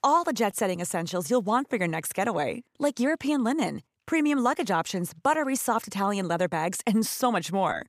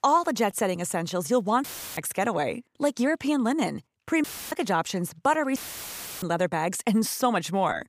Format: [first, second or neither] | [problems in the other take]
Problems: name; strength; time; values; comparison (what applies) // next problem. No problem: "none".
first | audio cutting out; filled with static; at 1.5 s, at 4 s and at 5.5 s for 0.5 s